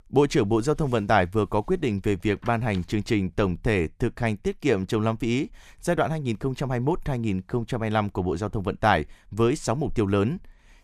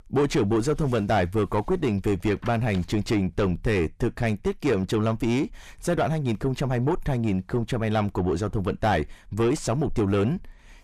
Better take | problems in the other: first | distortion; slight; 10 dB below the speech

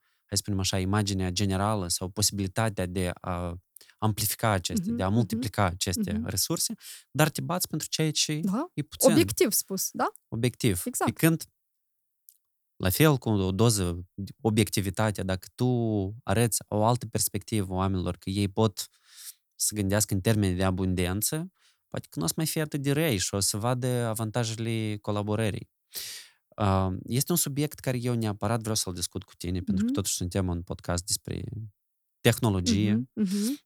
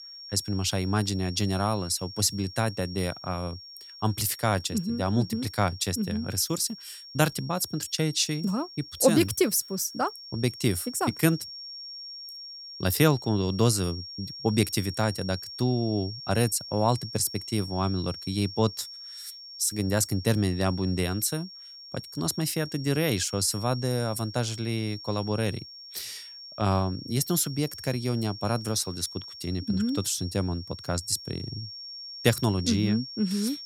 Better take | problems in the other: first | high-pitched whine; noticeable; throughout; 5.5 kHz, 10 dB below the speech

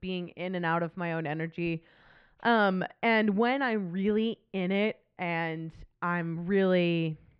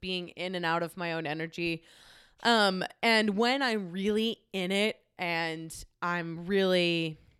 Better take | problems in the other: second | muffled; very; fading above 2.5 kHz

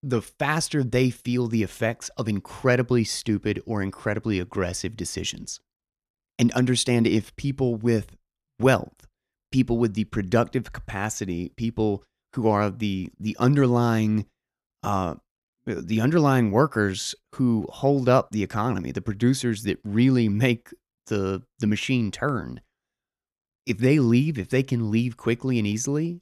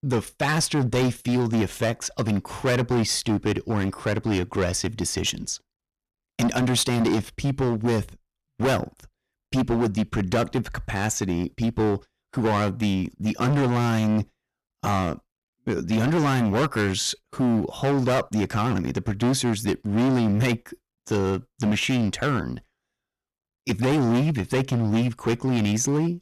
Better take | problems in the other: first | distortion; heavy; 16% of the sound clipped

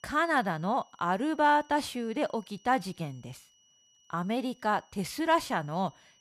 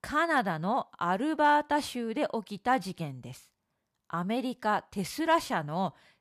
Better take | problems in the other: second | high-pitched whine; faint; throughout; 3 kHz, 30 dB below the speech

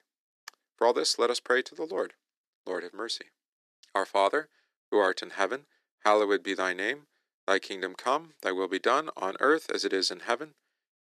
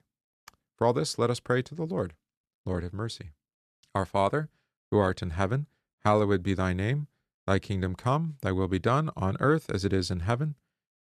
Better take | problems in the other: second | thin; very; fading below 300 Hz

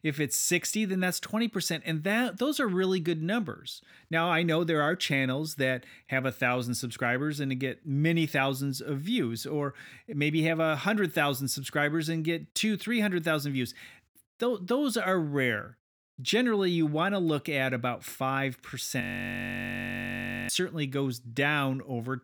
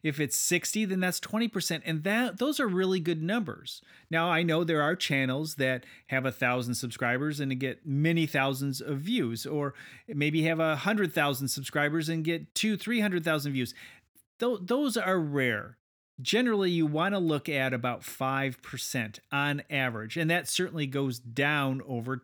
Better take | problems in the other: second | audio freezing; at 19 s for 1.5 s

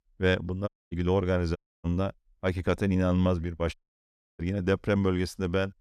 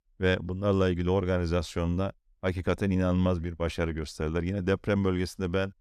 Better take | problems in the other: second | audio cutting out; at 0.5 s, at 1.5 s and at 3.5 s for 0.5 s

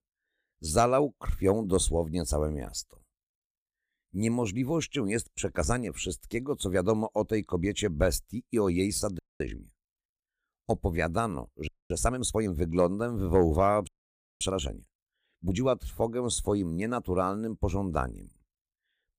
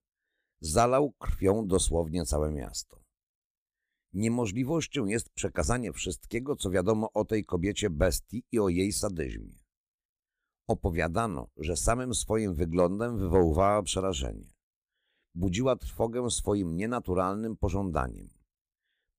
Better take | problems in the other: second | audio freezing; at 9 s, at 12 s and at 14 s for 0.5 s

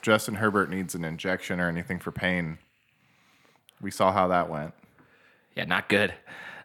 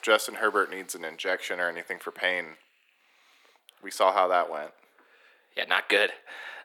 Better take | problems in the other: first | thin; very; fading below 350 Hz

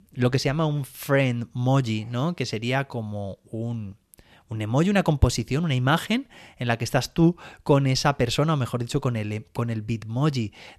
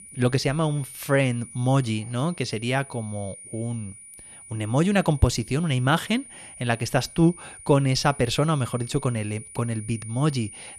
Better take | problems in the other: first | high-pitched whine; noticeable; throughout; 9.5 kHz, 15 dB below the speech

